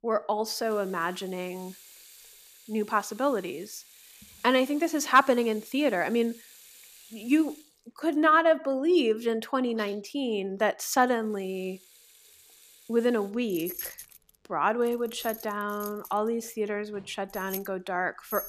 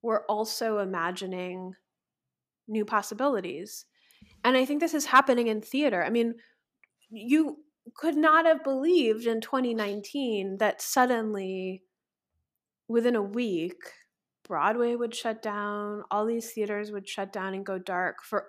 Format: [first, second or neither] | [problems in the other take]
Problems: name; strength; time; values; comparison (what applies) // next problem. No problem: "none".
second | household noises; noticeable; throughout; 20 dB below the speech